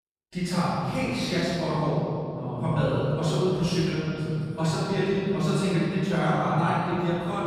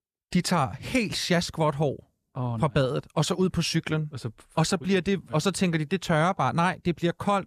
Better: second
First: room echo; strong; dies away in 3 s // off-mic speech; far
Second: none

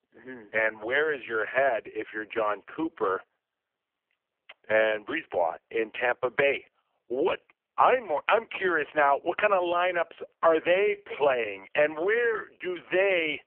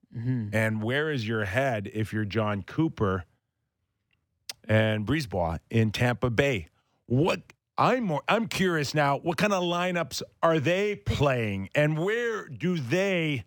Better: second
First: phone-call audio; poor line; nothing above 3 kHz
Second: none

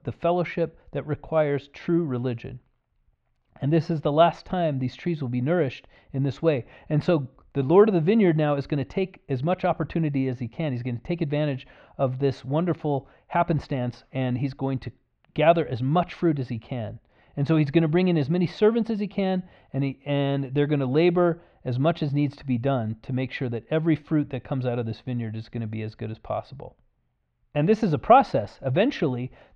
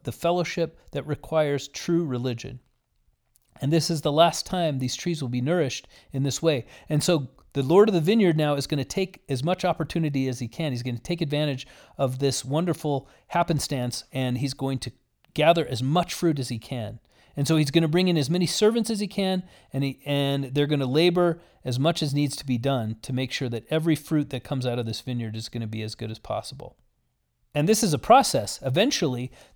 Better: second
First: muffled; very; fading above 2.5 kHz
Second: none

